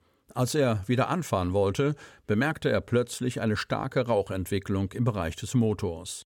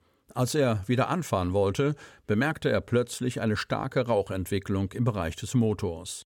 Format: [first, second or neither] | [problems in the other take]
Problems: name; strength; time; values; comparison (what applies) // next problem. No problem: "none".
neither | none